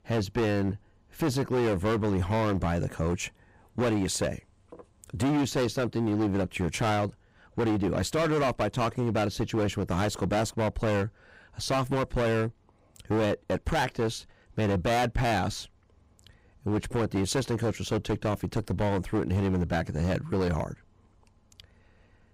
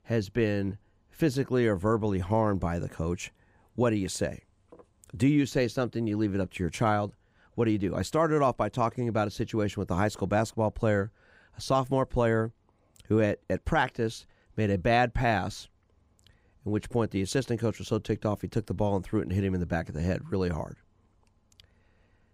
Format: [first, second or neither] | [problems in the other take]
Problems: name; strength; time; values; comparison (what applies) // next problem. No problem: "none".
second | distortion; heavy; 16% of the sound clipped